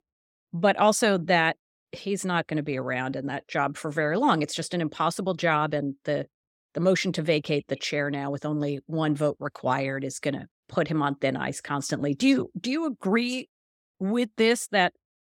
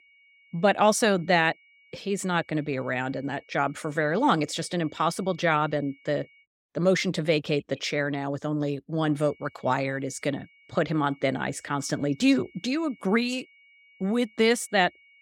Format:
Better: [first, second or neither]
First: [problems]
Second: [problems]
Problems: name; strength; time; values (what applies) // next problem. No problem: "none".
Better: first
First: none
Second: high-pitched whine; faint; until 6.5 s and from 9 s on; 2 kHz, 30 dB below the speech